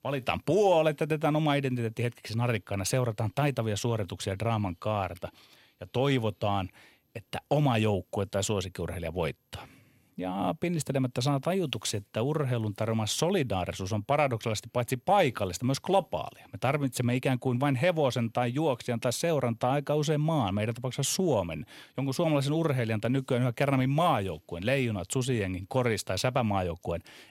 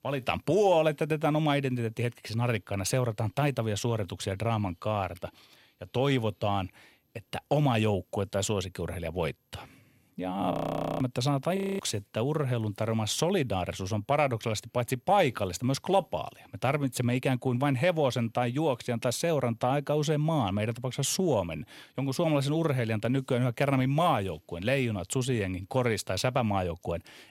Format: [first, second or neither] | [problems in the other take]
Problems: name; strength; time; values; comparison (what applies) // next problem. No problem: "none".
first | audio freezing; at 11 s and at 12 s